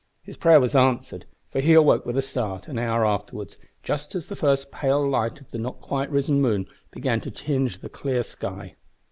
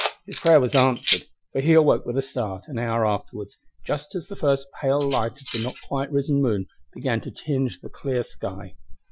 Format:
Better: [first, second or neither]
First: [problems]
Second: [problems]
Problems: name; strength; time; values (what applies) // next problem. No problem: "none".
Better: first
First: none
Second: noise reduction (classical method Wiener filter)